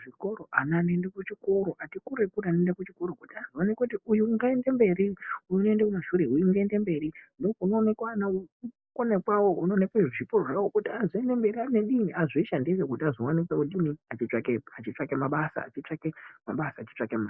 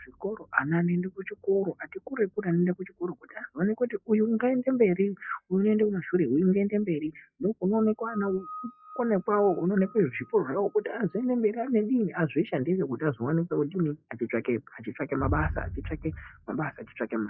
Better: first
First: none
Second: noise reduction (classical method log-MMSE)

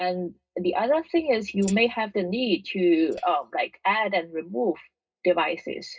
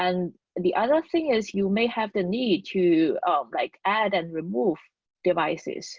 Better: second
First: noise reduction (neural mask model DeepFilterNet 3)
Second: none

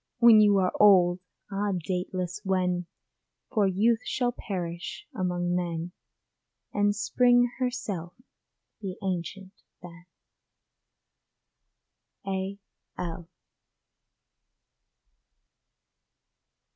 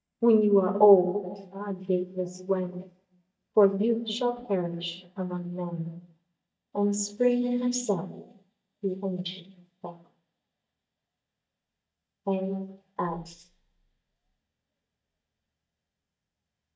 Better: first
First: none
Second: noise reduction (neural mask model DeepFilterNet 3)

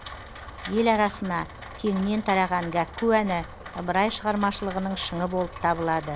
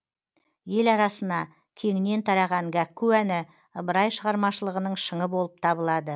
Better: second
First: background sound (Rain); 13 dB below the speech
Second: none

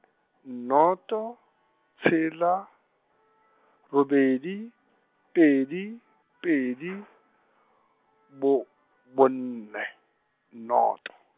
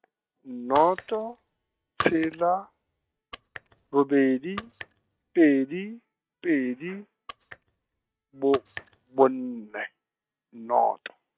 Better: first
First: none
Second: noise reduction (neural mask model RNNoise)

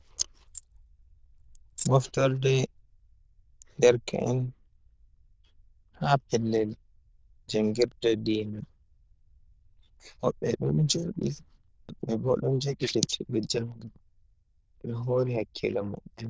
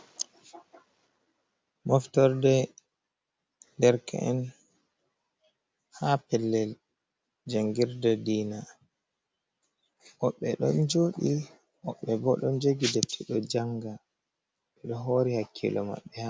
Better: second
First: noise reduction (neural diffusion model UNIVERSE++)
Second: none

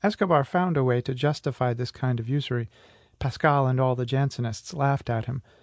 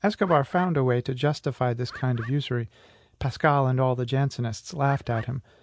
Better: first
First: none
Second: background sound (Bird); 18 dB below the speech

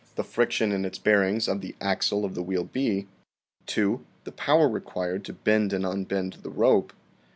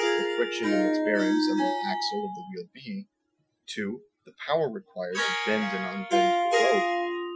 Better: first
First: none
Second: noise reduction (classical method Wiener filter)

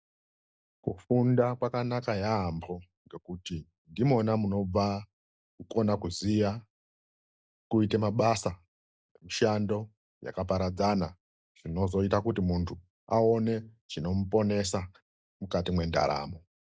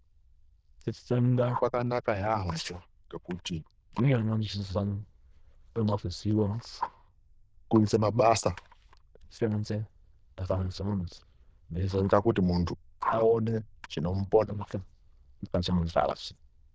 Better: first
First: none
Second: noise reduction (neural diffusion model UNIVERSE++)

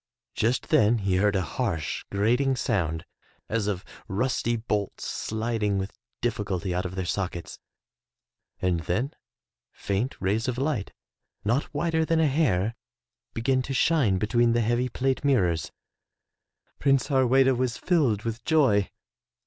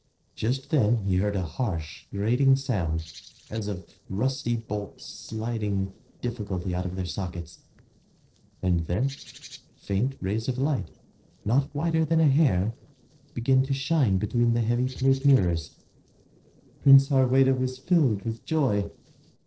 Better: first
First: none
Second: noise reduction (neural separator model SepFormer DNS4)

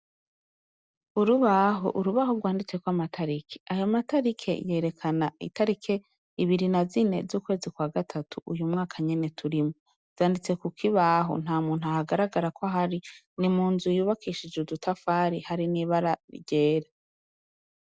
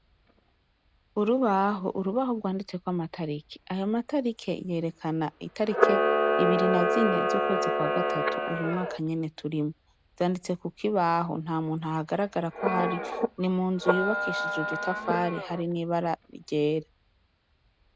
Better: first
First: none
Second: background sound (Camera); 2 dB below the speech

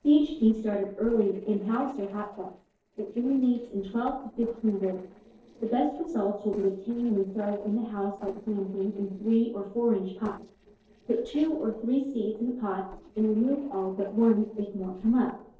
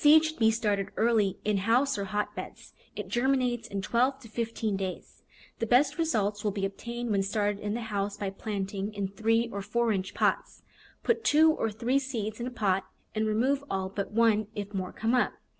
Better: second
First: noise reduction (neural separator model SepFormer DNS4)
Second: none

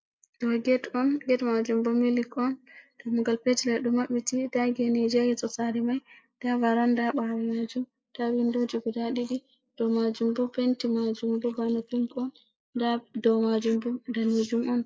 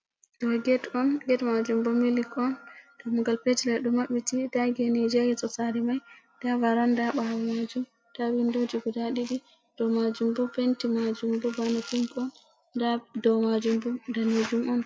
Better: second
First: noise reduction (neural mask model Resemble Enhance denoiser)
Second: none

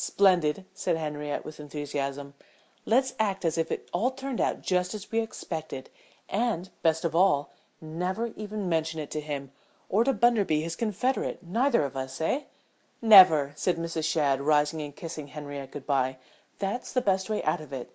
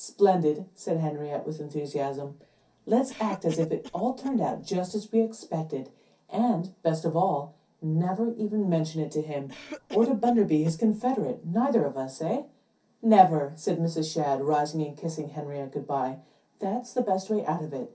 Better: first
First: none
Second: background sound (Cough); 20 dB below the speech // room echo; dies away in 0.3 s

